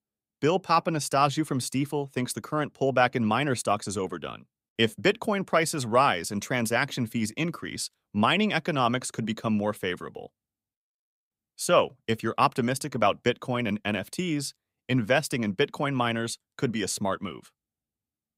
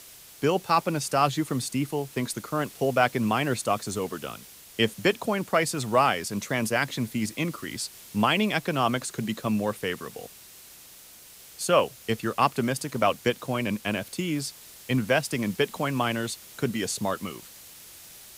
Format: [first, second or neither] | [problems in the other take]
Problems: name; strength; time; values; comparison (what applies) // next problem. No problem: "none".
first | hiss; noticeable; throughout; 20 dB below the speech